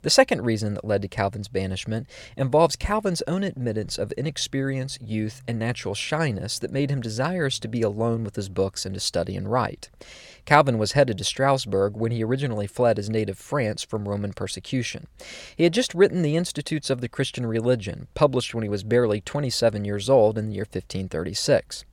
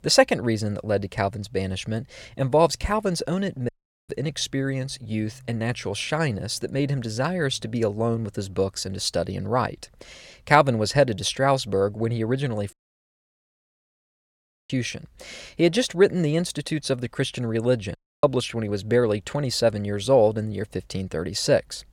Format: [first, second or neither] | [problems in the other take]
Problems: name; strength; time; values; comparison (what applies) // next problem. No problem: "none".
first | audio cutting out; at 3.5 s, at 13 s for 2 s and at 18 s